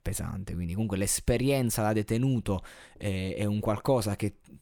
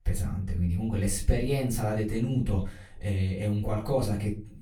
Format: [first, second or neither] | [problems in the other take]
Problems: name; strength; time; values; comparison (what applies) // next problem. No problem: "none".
first | off-mic speech; far // room echo; slight; dies away in 0.3 s